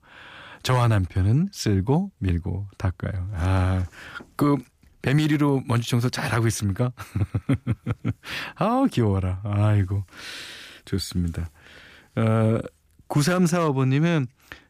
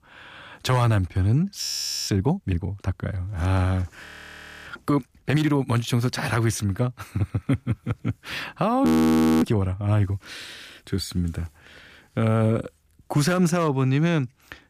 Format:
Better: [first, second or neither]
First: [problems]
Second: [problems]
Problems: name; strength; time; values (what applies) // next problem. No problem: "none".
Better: first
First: none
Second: audio freezing; at 1.5 s, at 4 s for 0.5 s and at 9 s for 0.5 s